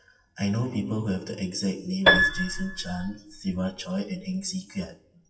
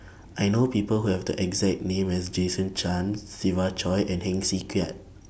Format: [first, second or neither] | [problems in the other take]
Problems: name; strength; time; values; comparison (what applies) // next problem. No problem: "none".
second | noise reduction (classical method WPE with log-MMSE)